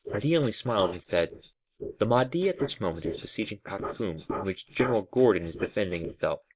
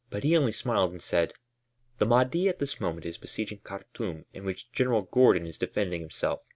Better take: second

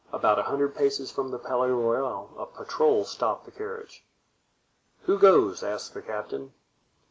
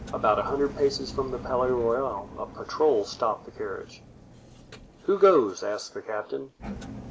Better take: first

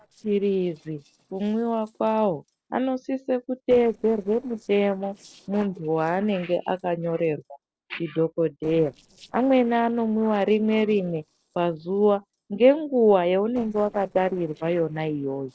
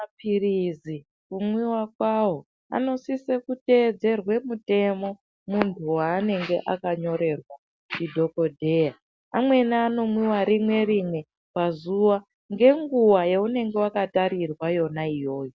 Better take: second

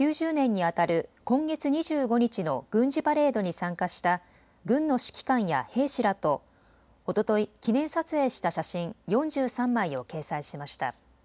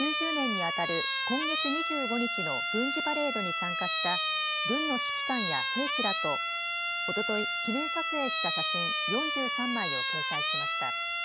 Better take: first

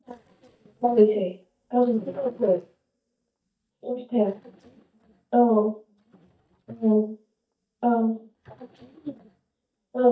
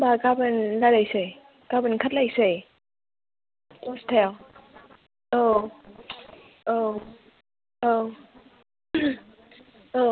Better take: second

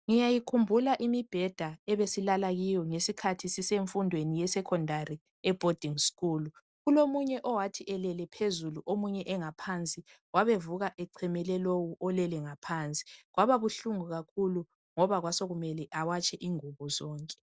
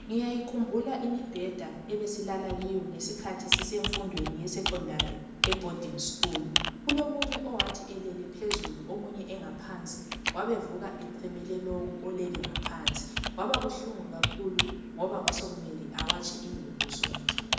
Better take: first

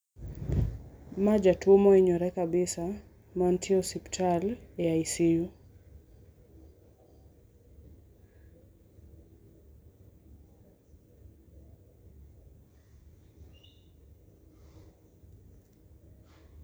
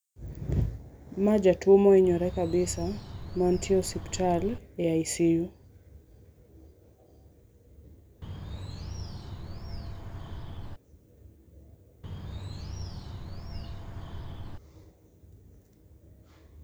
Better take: first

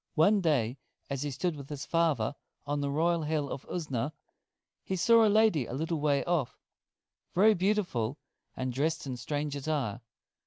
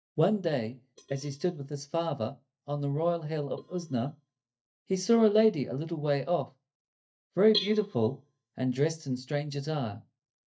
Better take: first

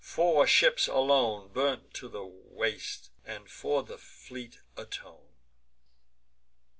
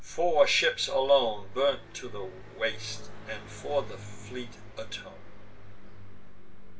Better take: first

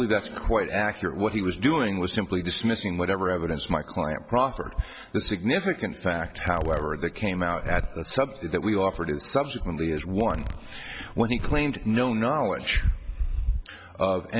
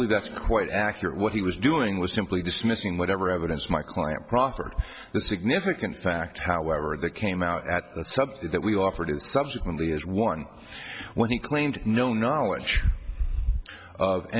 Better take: second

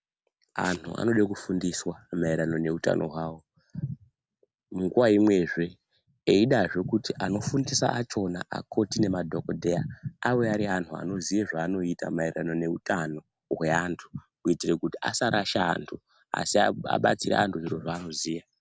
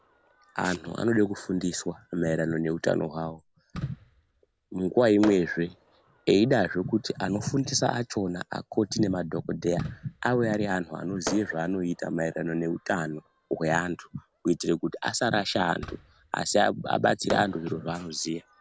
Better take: first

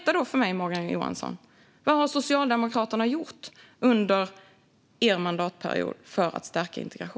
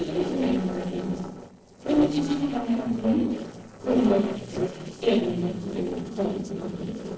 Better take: first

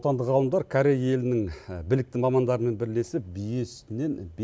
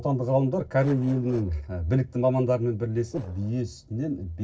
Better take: first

